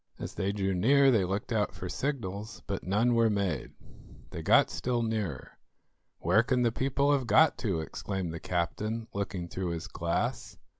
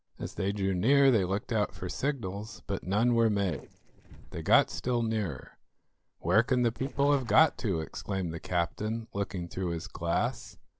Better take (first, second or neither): first